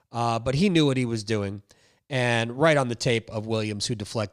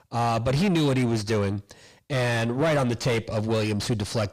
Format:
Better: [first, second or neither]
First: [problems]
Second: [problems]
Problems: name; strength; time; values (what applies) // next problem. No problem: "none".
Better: first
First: none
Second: distortion; heavy; 5 dB below the speech